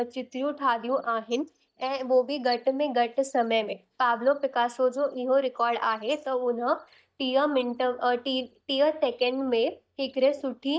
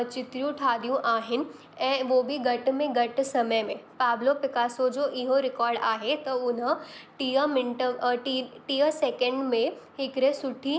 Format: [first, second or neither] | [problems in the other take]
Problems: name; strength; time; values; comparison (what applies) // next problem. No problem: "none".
second | noise reduction (neural mask model DeepFilterNet 3)